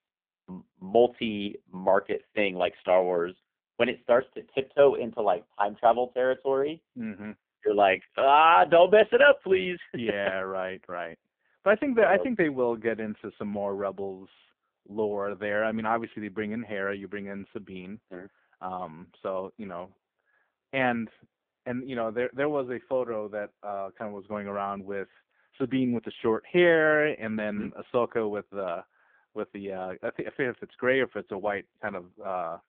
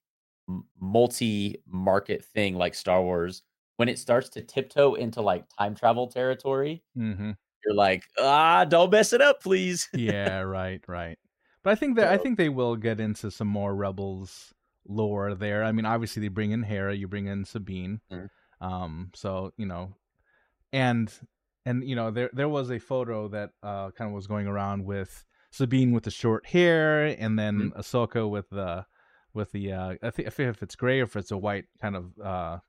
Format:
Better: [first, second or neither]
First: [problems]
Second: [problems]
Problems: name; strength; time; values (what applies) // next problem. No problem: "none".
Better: second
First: phone-call audio; poor line; nothing above 3.5 kHz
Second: none